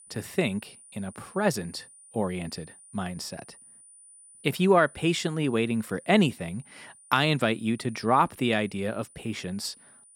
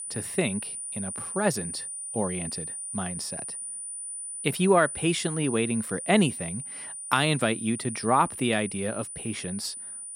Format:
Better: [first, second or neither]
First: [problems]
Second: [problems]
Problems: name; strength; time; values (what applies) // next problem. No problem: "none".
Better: first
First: high-pitched whine; faint; throughout; 9.5 kHz, 25 dB below the speech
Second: high-pitched whine; loud; throughout; 9.5 kHz, 7 dB below the speech